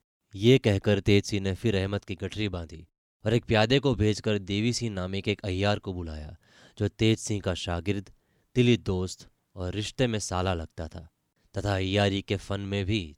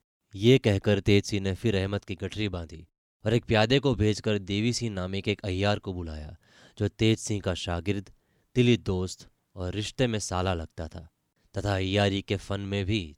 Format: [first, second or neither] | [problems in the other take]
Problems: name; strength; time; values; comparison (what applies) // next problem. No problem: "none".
neither | none